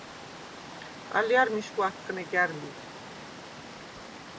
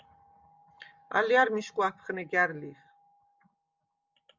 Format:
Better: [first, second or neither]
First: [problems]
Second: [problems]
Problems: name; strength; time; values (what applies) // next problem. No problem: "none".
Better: second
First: background sound (Water); 12 dB below the speech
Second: none